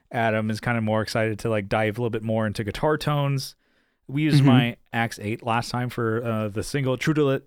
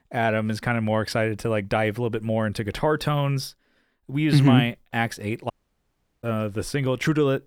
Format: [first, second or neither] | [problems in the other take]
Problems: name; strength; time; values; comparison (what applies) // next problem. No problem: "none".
first | audio cutting out; at 5.5 s for 0.5 s